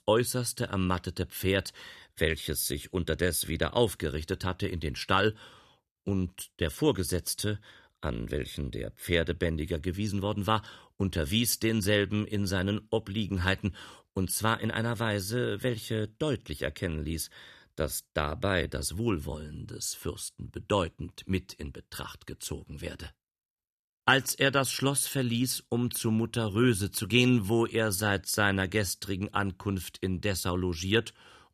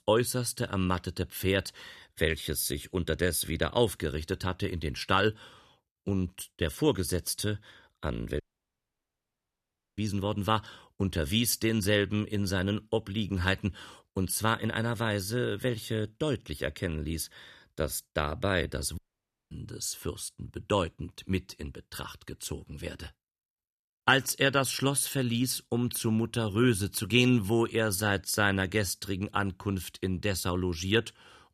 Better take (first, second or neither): first